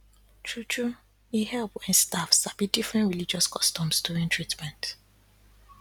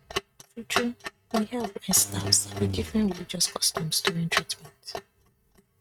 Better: first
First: none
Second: noise reduction (neural mask model RNNoise)

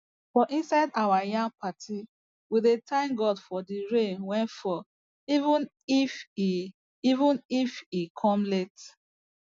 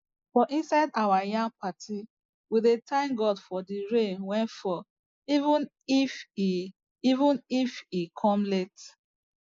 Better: first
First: none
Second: noise reduction (neural mask model Resemble Enhance denoiser)

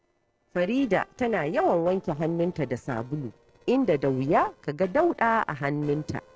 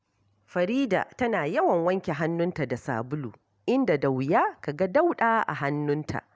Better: second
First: noise reduction (neural separator model SepFormer DNS4)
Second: none

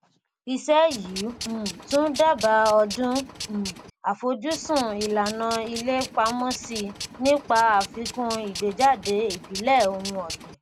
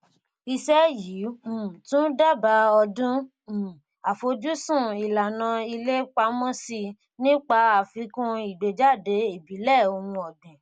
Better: second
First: background sound (Tools); 12 dB below the speech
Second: none

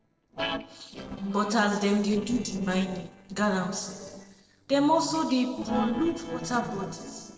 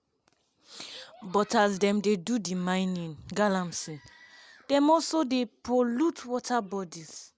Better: second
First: noise reduction (neural separator model SepFormer DNS4)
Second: none

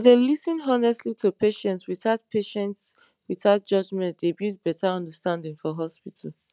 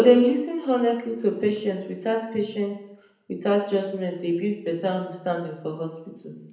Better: first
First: none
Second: room echo; dies away in 0.7 s

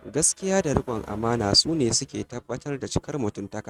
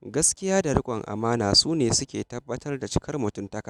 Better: second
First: noise reduction (neural mask model RNNoise)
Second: none

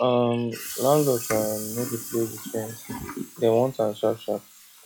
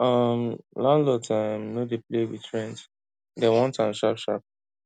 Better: second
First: noise reduction (classical method log-MMSE)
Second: none

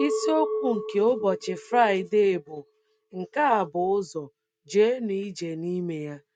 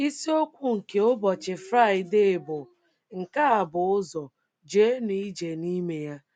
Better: second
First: noise reduction (neural mask model RNNoise)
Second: none

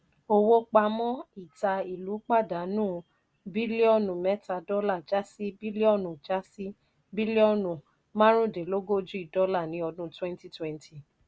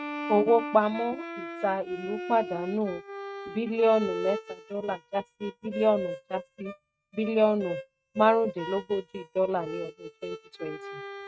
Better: first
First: none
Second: noise reduction (neural mask model RNNoise)

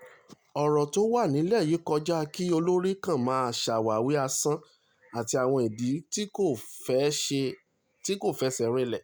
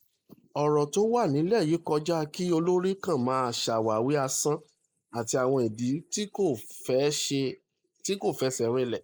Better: first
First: none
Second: noise reduction (neural mask model Resemble Enhance denoiser)

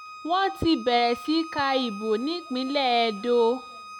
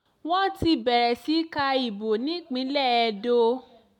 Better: second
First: background sound (Bowed string instrument); 16 dB below the speech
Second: none

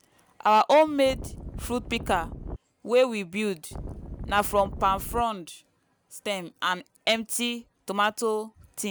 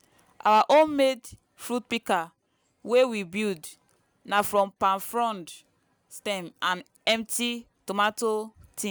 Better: second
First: background sound (Wind); 10 dB below the speech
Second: none

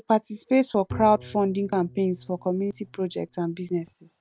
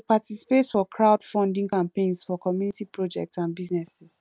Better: second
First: background sound (Bowed string instrument); 17 dB below the speech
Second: none

